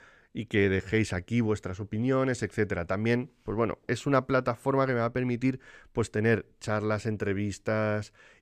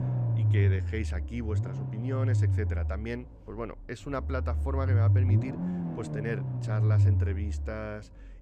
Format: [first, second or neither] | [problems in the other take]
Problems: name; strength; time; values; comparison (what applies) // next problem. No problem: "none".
first | low rumble; loud; throughout; 3 dB below the speech